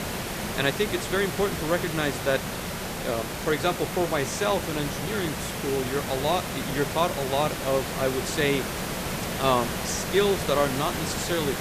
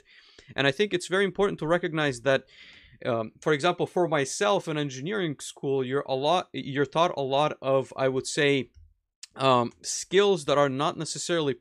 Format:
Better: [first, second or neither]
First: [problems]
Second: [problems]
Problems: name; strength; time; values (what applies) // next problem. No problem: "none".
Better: second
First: hiss; loud; throughout; 3 dB below the speech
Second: none